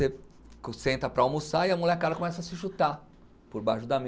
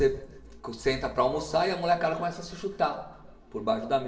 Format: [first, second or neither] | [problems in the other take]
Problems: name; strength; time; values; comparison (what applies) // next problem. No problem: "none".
first | room echo; dies away in 0.8 s